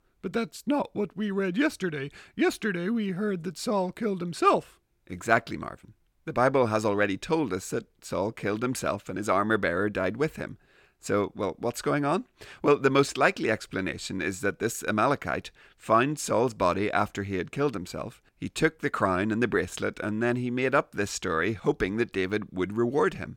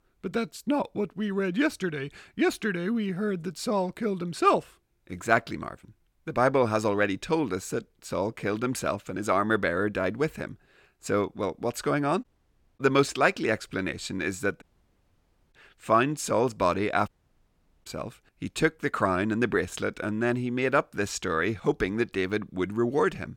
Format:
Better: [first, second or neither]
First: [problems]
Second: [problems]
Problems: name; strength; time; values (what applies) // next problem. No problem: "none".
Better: first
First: none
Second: audio cutting out; at 12 s for 0.5 s, at 15 s for 1 s and at 17 s for 1 s